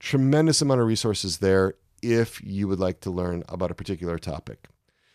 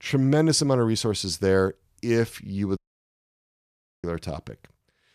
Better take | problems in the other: first | audio cutting out; at 3 s for 1.5 s

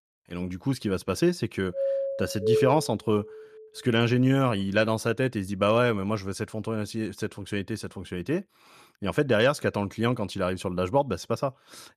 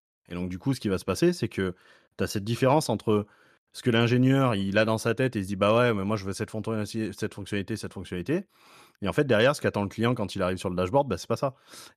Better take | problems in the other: second | doorbell; loud; from 2 to 3 s; peak 2 dB above the speech

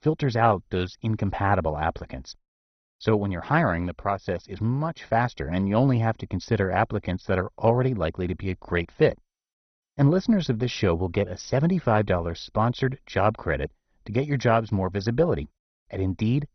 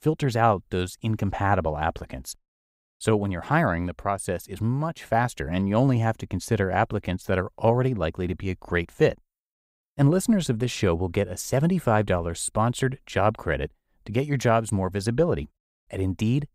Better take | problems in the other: second | garbled, watery; badly; nothing above 6 kHz

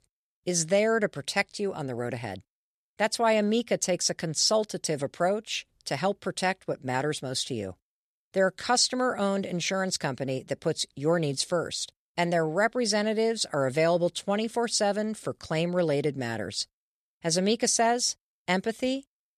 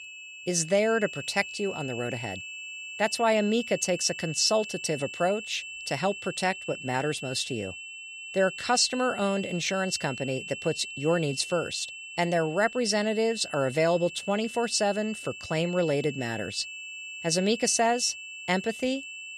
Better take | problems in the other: first | high-pitched whine; noticeable; throughout; 2.5 kHz, 10 dB below the speech

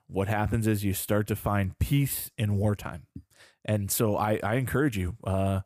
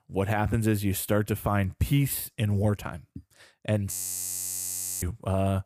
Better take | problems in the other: first | audio freezing; at 4 s for 1 s

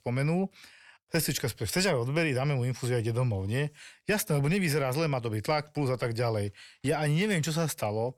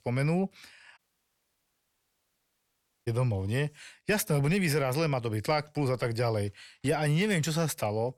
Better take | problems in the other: first | audio cutting out; at 1 s for 2 s

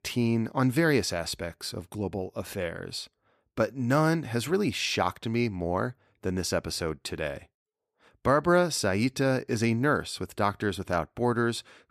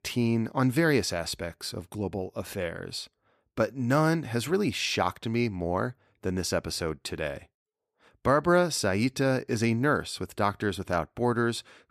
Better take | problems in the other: neither | none

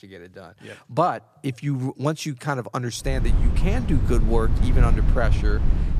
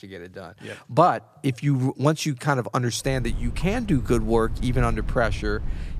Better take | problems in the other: second | low rumble; loud; from 3 s on; 9 dB below the speech; faint in the second

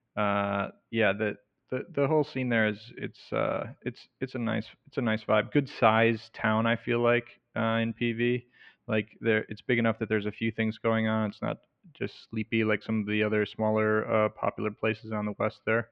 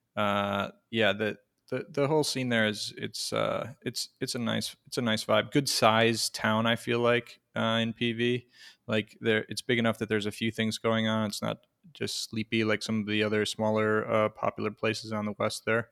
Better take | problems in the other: second | muffled; very; fading above 2.5 kHz

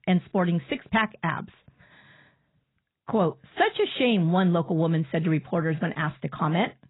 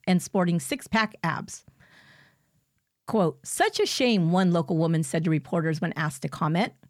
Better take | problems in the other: second | garbled, watery; badly; nothing above 4 kHz

